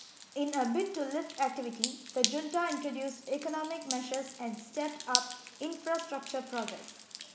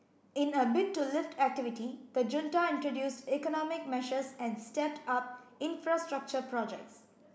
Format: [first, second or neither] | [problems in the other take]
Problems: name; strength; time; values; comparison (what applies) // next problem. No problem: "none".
second | background sound (Drip); 5 dB below the speech